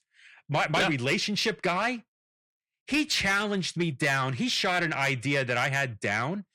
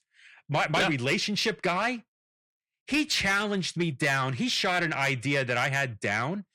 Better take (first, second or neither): neither